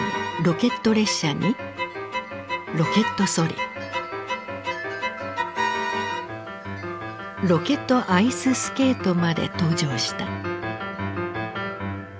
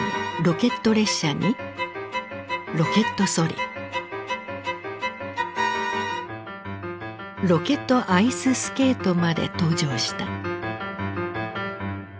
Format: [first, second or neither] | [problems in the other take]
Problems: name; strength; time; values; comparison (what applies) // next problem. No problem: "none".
second | background sound (Wind chime); 17 dB below the speech